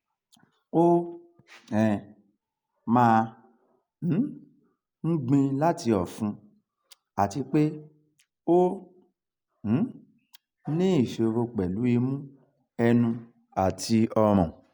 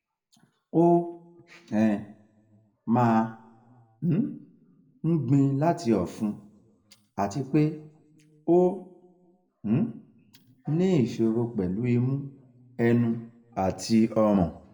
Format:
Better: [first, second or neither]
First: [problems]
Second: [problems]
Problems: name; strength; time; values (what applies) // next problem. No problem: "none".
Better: first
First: none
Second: room echo; dies away in 0.7 s